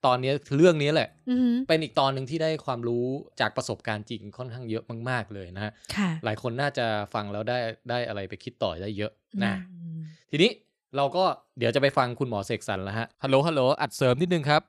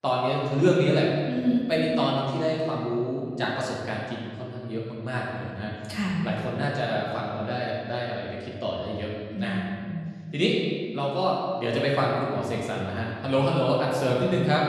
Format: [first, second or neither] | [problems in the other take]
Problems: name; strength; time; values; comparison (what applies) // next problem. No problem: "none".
first | room echo; noticeable; dies away in 1.8 s // off-mic speech; far